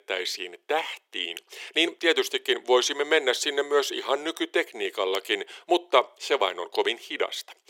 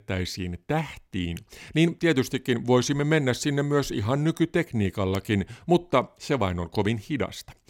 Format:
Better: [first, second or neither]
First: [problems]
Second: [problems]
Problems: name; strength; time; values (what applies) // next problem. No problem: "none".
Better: second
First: thin; very; fading below 400 Hz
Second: none